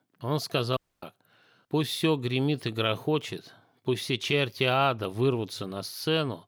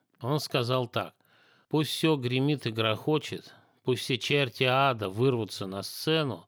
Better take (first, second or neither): second